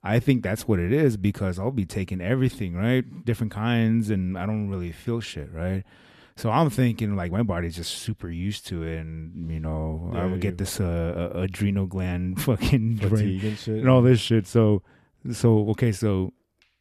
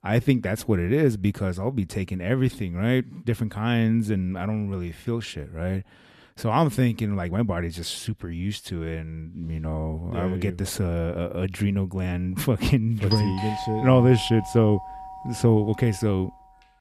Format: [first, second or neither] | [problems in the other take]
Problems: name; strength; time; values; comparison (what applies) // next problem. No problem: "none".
first | doorbell; noticeable; from 13 to 16 s; peak 5 dB below the speech